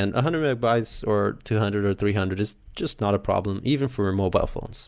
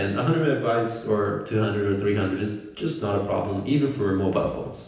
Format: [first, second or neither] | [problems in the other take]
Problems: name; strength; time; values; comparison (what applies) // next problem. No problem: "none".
first | room echo; dies away in 0.9 s